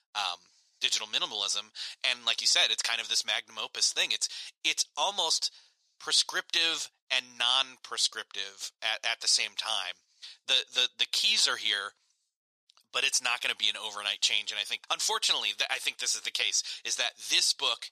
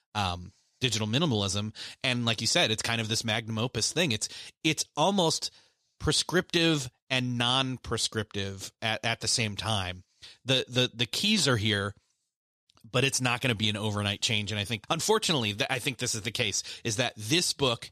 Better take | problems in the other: second | thin; very; fading below 900 Hz

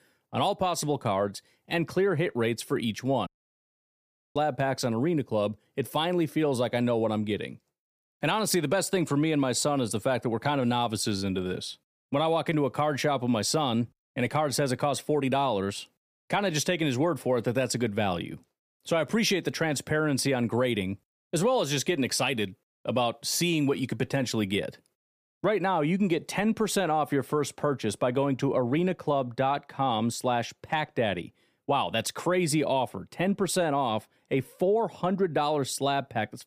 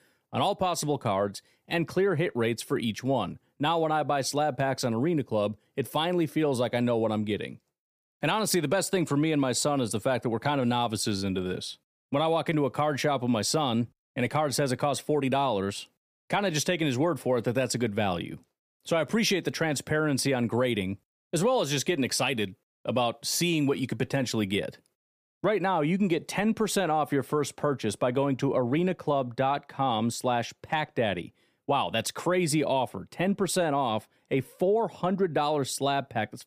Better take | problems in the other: second | audio cutting out; at 3.5 s for 1 s

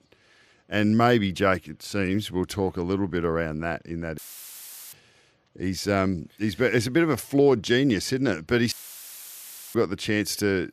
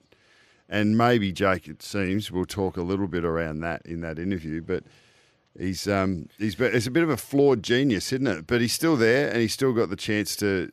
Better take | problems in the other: second | audio cutting out; filled with static; at 4 s for 1 s and at 8.5 s for 1 s

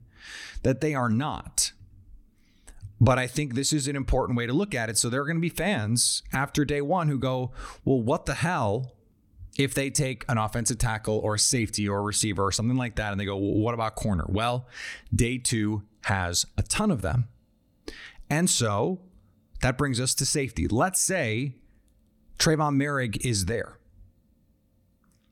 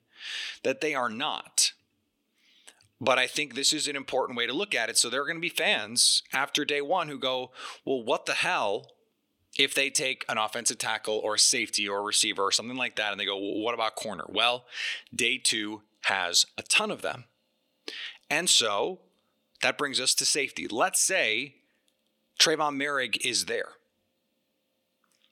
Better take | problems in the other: first | thin; somewhat; fading below 450 Hz

